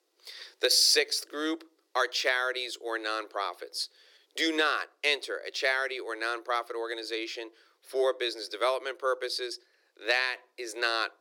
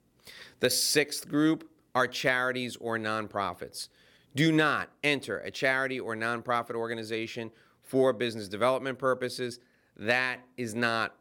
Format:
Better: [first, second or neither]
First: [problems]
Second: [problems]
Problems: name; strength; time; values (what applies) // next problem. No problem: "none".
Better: second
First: thin; very; fading below 350 Hz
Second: none